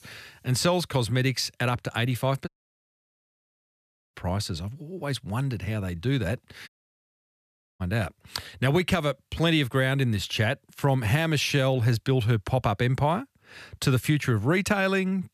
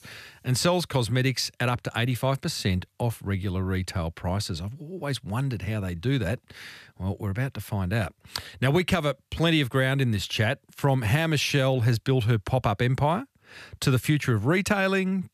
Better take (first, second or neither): second